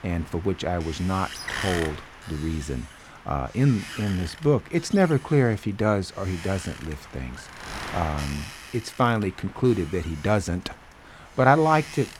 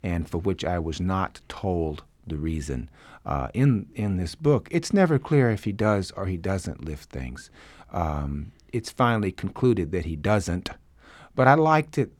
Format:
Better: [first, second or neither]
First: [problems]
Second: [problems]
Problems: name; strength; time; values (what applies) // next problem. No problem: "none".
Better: second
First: wind noise on the microphone; occasional gusts; 10 dB below the speech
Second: none